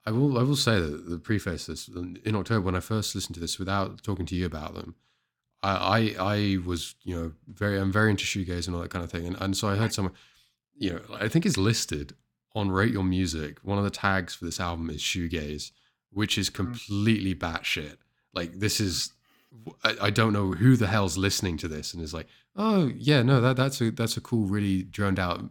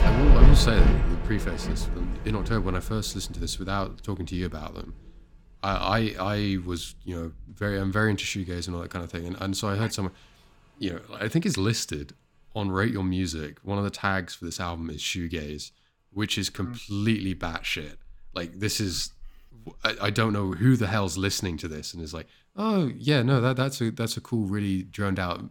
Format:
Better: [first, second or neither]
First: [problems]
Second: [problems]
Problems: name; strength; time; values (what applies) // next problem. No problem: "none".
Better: first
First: none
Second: rain or running water; very loud; throughout; 2 dB above the speech